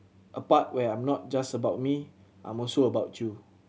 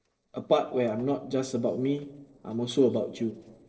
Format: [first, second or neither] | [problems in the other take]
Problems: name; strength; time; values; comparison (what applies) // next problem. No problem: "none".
first | noise reduction (neural separator model SepFormer DNS4)